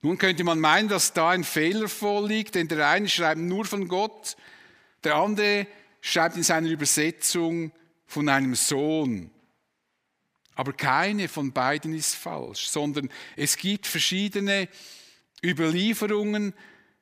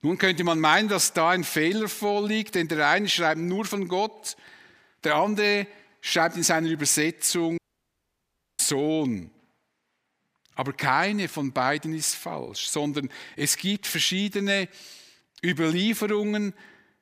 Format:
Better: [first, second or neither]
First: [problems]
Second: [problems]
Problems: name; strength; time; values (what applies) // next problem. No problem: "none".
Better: first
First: none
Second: audio cutting out; at 7.5 s for 1 s